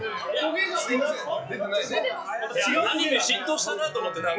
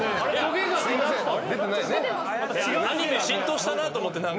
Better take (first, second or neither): second